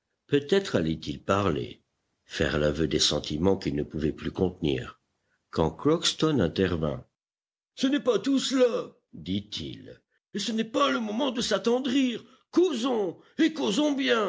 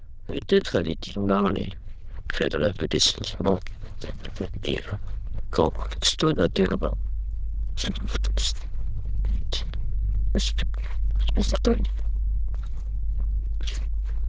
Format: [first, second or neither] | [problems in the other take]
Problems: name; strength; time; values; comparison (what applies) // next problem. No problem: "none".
first | noise reduction (neural diffusion model UNIVERSE++)